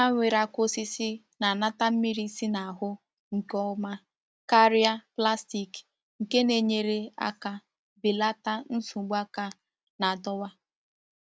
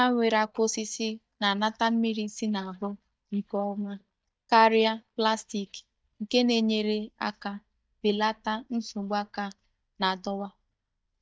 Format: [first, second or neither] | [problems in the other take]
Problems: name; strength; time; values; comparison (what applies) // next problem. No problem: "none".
first | noise reduction (neural mask model DeepFilterNet 3)